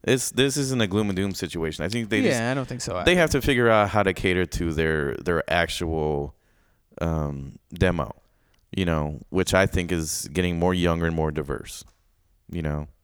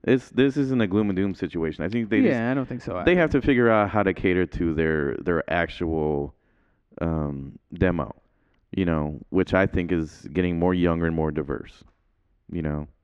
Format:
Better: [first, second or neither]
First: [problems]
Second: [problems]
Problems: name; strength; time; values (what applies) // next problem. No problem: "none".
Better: first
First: none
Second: muffled; very; fading above 2 kHz